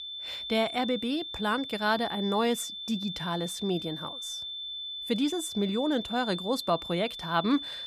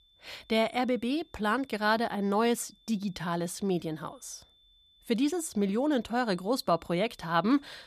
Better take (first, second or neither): second